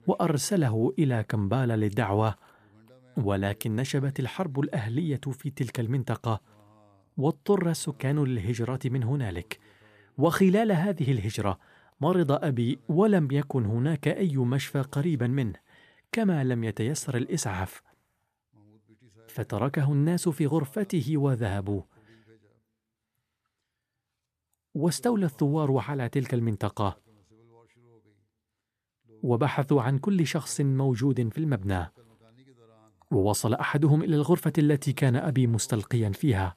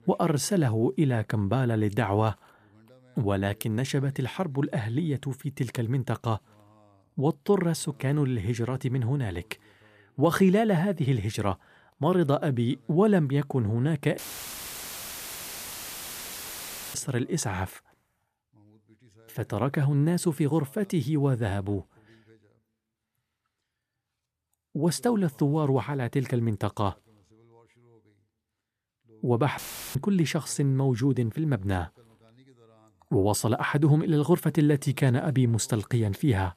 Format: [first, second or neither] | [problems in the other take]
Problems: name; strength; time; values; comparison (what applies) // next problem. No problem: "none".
first | audio cutting out; filled with static; at 14 s for 3 s and at 30 s